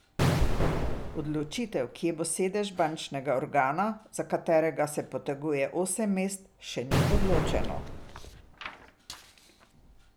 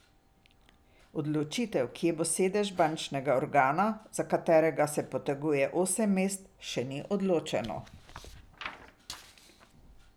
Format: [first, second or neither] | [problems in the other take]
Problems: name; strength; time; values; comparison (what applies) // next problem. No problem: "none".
second | background sound (Explosion); 1 dB above the speech